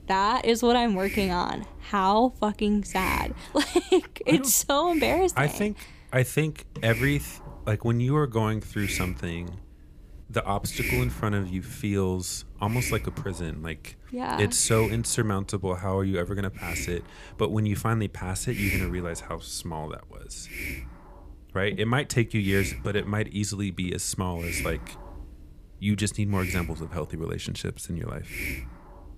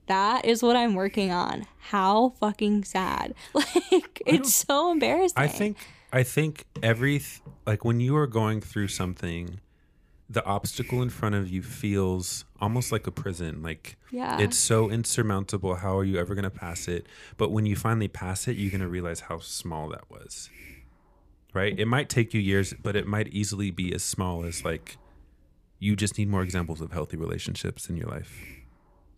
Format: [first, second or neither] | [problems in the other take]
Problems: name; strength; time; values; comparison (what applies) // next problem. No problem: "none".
second | hiss; loud; throughout; 9 dB below the speech; faint in the second